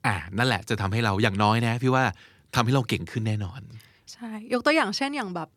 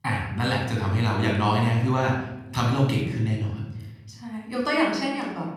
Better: first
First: none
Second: off-mic speech; somewhat distant // room echo; noticeable; dies away in 1 s

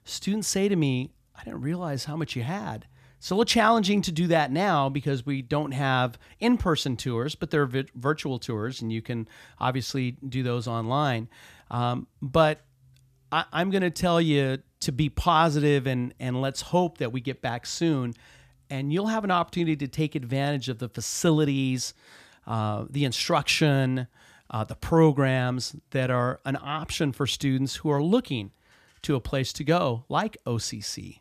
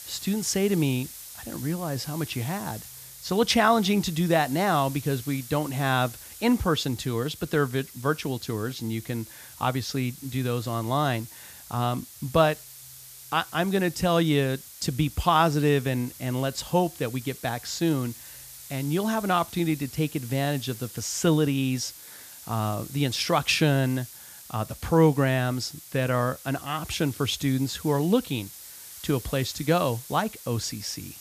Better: first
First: none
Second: hiss; noticeable; throughout; 15 dB below the speech

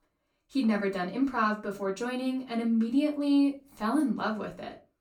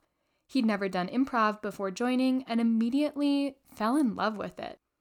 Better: second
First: off-mic speech; far // room echo; very slight; dies away in 0.2 s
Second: none

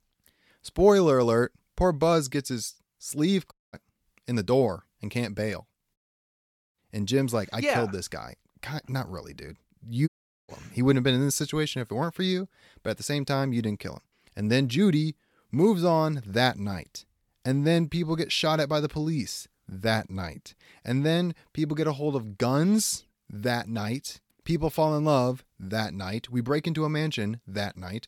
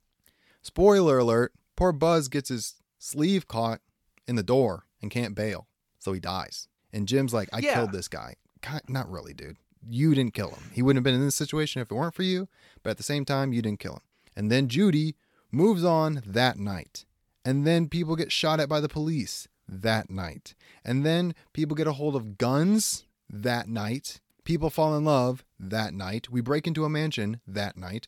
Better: second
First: audio cutting out; at 3.5 s, at 6 s for 1 s and at 10 s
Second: none

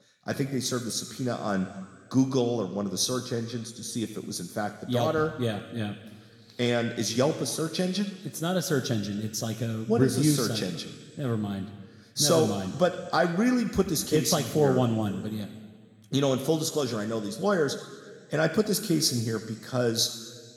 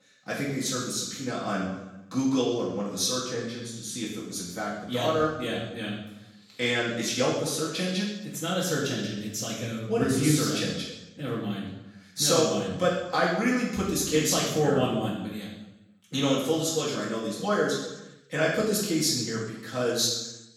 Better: first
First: room echo; slight; dies away in 1.5 s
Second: room echo; strong; dies away in 0.9 s // off-mic speech; far

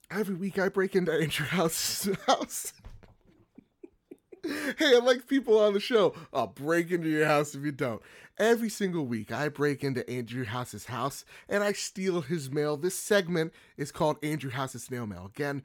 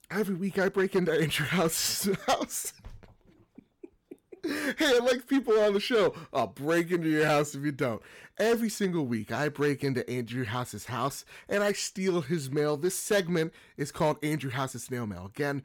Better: first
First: none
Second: distortion; slight; 4% of the sound clipped

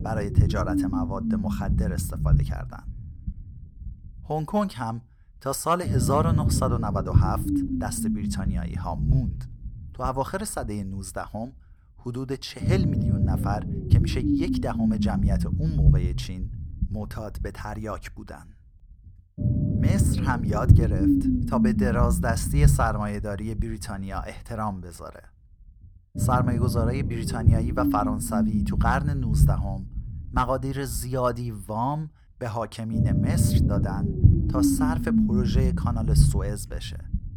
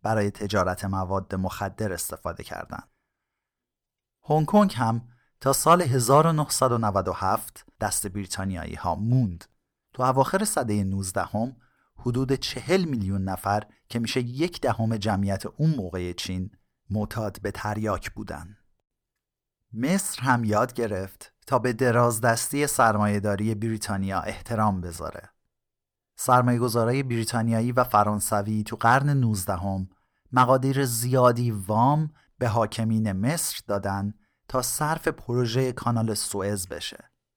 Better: second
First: low rumble; loud; throughout; 2 dB below the speech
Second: none

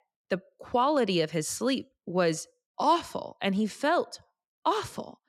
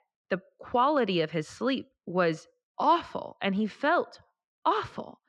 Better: first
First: none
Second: muffled; slightly; fading above 3 kHz

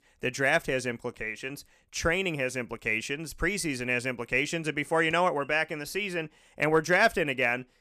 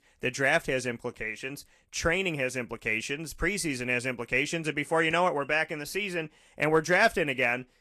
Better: first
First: none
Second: garbled, watery; slightly; nothing above 13 kHz

